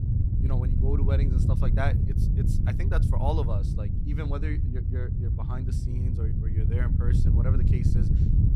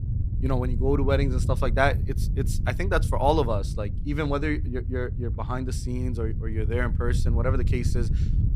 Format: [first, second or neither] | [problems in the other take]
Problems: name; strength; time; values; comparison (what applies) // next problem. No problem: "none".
second | wind noise on the microphone; heavy; 1 dB below the speech; occasional gusts in the second